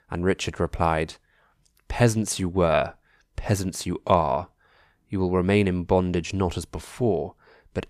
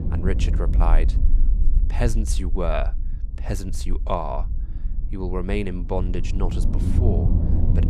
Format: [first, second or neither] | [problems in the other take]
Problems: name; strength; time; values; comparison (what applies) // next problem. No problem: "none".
first | low rumble; loud; throughout; 9 dB below the speech